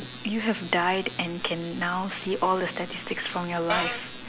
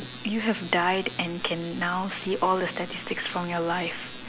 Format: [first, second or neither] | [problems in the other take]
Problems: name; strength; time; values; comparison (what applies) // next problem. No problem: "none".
second | background sound (Cupboard open or close); 1 dB below the speech